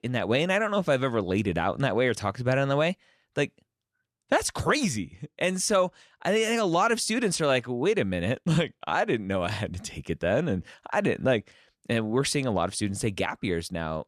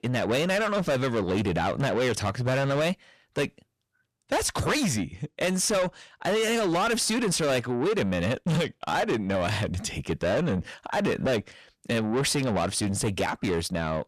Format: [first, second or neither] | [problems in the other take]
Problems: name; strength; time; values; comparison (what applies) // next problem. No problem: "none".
first | distortion; heavy; 8 dB below the speech